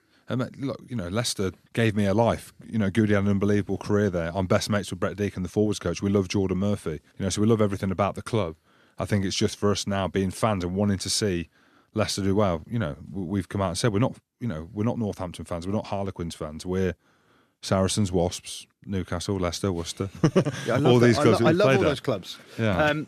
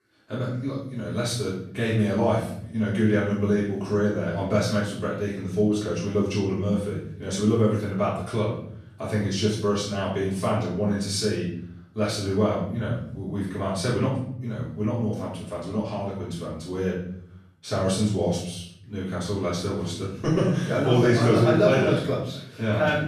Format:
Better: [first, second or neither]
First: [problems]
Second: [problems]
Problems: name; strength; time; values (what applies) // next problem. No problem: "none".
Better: first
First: none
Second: off-mic speech; far // room echo; noticeable; dies away in 0.7 s